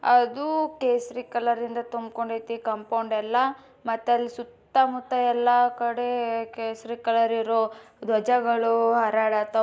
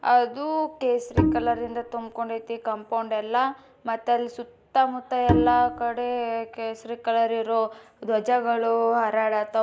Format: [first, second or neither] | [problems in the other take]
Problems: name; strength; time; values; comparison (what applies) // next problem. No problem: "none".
first | background sound (Bowed string instrument); 1 dB below the speech